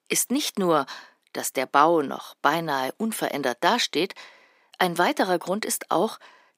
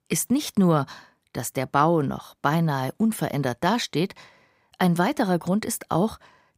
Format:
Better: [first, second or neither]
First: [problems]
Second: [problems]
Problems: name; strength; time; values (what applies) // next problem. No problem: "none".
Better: second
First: thin; somewhat; fading below 300 Hz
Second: none